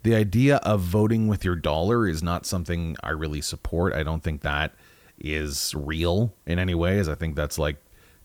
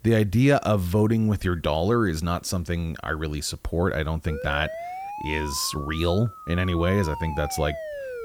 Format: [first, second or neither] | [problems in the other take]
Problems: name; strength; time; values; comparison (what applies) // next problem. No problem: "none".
first | siren; noticeable; from 4.5 s on; peak 9 dB below the speech